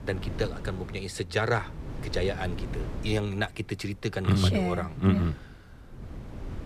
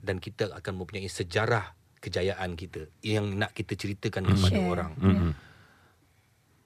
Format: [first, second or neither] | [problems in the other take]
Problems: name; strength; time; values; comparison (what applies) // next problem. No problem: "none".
second | wind noise on the microphone; occasional gusts; 15 dB below the speech